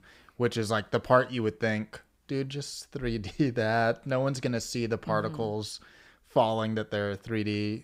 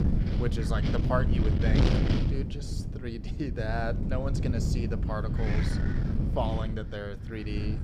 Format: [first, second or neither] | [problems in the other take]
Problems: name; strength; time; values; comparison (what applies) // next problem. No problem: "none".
first | wind noise on the microphone; heavy; 2 dB below the speech